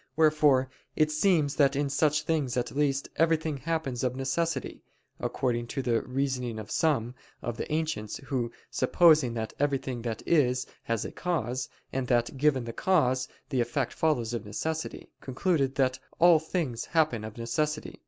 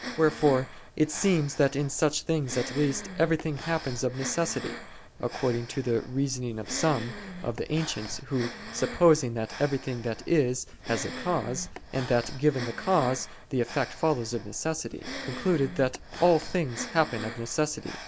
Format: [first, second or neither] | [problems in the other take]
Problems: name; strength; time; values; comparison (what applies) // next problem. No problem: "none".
first | background sound (Breathing); 12 dB below the speech